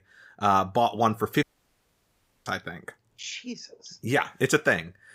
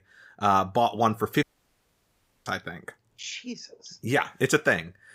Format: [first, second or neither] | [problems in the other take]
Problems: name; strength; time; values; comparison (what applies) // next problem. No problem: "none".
neither | audio cutting out; at 1.5 s for 1 s; the same in both